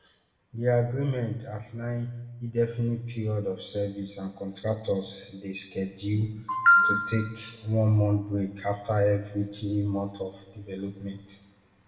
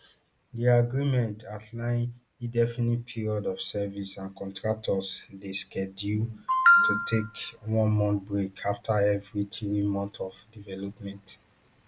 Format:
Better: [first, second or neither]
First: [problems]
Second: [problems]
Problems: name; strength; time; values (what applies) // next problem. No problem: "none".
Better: second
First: room echo; dies away in 0.9 s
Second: none